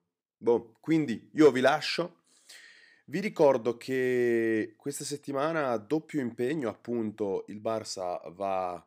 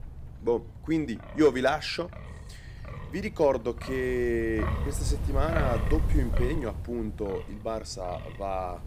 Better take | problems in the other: first | wind noise on the microphone; occasional gusts; 10 dB below the speech

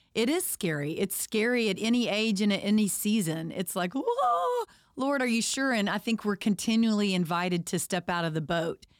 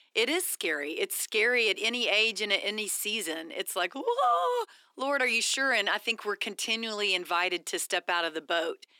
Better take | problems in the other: first | thin; very; fading below 300 Hz

